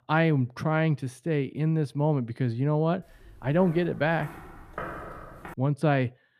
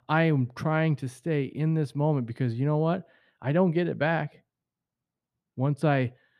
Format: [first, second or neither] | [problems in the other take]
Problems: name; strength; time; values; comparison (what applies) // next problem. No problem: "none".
second | footsteps; noticeable; from 3 to 5.5 s; peak 10 dB below the speech